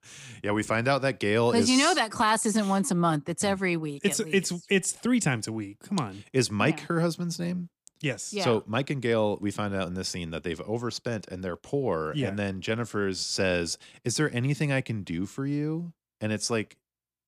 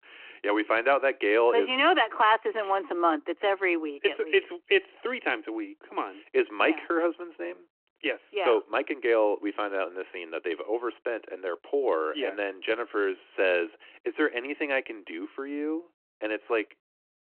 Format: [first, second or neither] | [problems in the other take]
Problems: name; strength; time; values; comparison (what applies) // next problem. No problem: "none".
first | phone-call audio